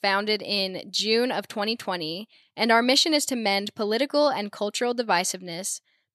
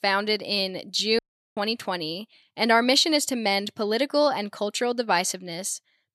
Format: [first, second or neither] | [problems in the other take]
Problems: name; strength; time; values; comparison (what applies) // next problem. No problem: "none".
first | audio cutting out; at 1 s